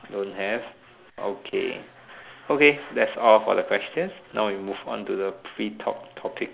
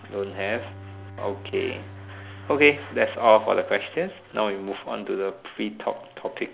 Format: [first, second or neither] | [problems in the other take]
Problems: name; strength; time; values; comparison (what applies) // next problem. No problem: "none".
first | background sound (Bowed string instrument); 18 dB below the speech